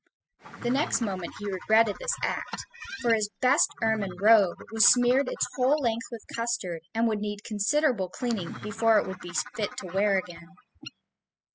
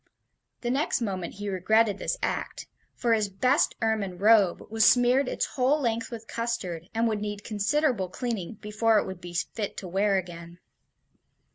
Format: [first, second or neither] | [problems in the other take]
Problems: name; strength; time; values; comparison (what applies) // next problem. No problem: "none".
second | noise reduction (classical method spectral subtraction)